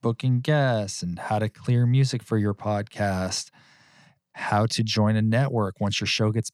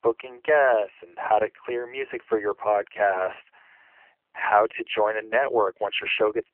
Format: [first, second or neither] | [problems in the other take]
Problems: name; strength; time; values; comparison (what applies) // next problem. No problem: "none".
first | phone-call audio; poor line; nothing above 3 kHz